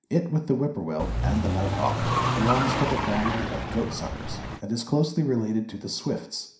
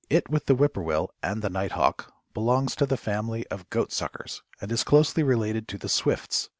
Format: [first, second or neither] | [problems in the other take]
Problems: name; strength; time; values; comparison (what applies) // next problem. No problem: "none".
second | background sound (Car); 1 dB above the speech // room echo; dies away in 0.5 s